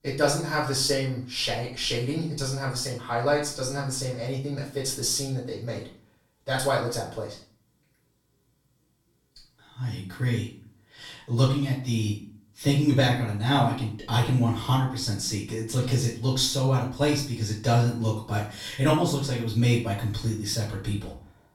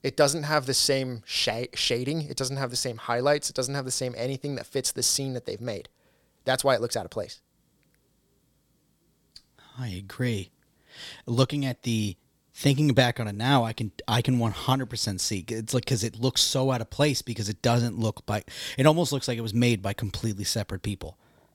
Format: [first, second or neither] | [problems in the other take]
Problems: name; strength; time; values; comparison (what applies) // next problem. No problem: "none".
second | off-mic speech; far // room echo; noticeable; dies away in 0.4 s